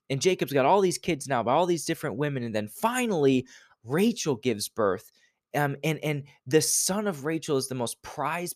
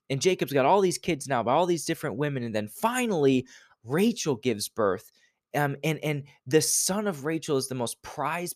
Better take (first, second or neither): neither